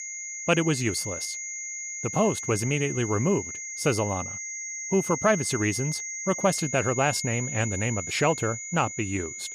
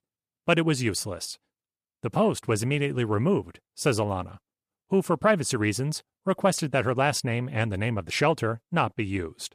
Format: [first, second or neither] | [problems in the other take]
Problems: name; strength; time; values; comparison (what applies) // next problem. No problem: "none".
second | high-pitched whine; loud; throughout; 6.5 kHz, 6 dB below the speech